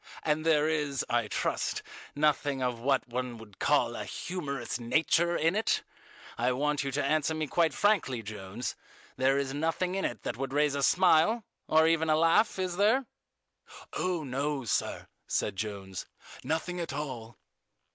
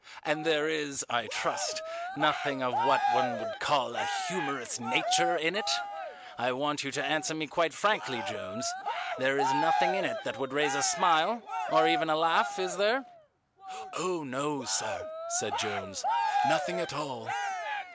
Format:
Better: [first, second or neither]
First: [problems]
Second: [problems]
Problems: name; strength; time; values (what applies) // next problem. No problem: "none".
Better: first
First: none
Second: background sound (Cheering); 3 dB below the speech